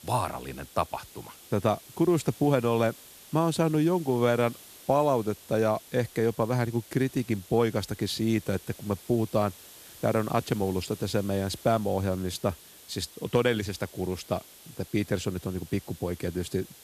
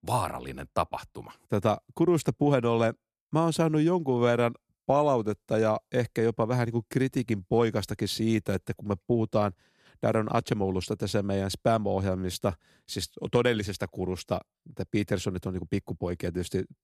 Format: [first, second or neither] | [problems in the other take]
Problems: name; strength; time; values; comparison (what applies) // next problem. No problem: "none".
second | hiss; noticeable; throughout; 20 dB below the speech